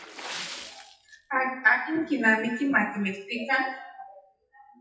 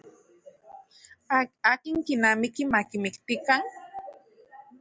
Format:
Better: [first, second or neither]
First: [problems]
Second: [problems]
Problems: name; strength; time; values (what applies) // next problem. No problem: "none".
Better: second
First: noise reduction (classical method WPE with log-MMSE)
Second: none